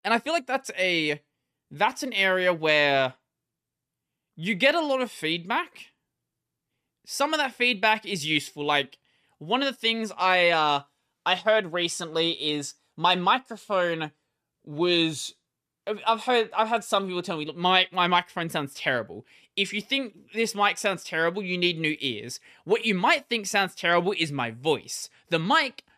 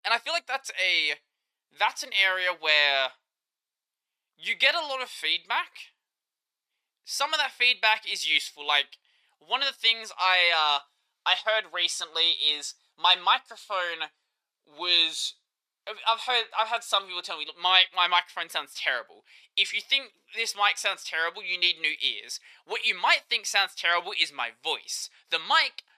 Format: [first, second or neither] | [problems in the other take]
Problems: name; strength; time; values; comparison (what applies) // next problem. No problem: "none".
first | thin; very; fading below 950 Hz